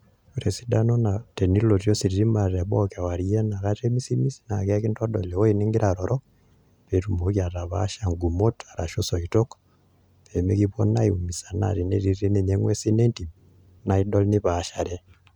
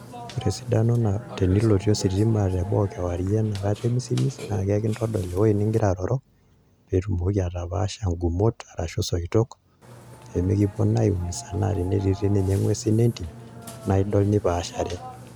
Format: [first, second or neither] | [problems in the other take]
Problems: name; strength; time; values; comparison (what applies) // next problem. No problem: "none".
first | background sound (Burping, eructation); 18 dB below the speech